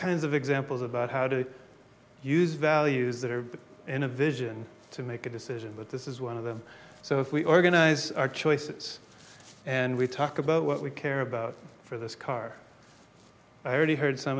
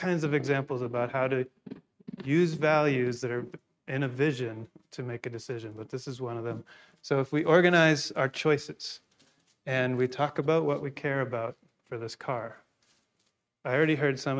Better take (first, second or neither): first